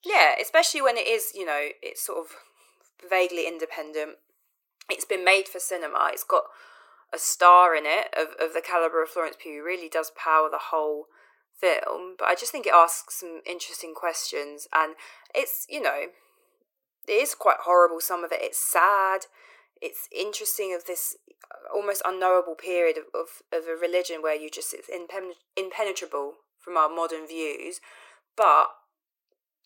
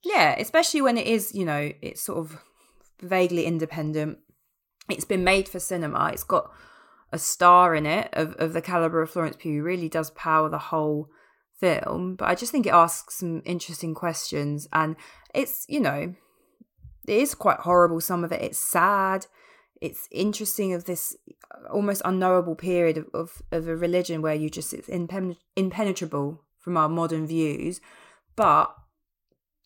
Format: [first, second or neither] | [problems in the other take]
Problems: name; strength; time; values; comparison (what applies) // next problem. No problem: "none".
second | thin; very; fading below 400 Hz